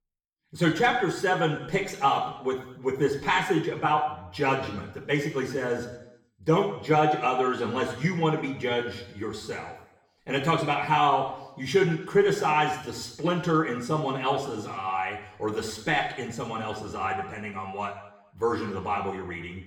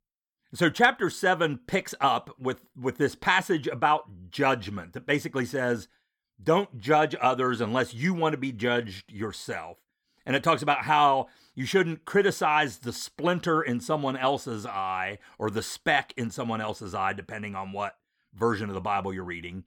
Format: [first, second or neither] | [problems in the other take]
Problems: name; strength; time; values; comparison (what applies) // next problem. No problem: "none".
second | room echo; noticeable; dies away in 0.7 s // off-mic speech; far